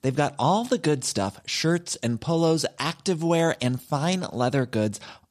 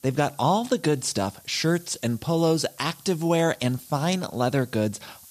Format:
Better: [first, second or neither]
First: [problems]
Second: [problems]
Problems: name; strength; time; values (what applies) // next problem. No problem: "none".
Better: first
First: none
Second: hiss; faint; throughout; 25 dB below the speech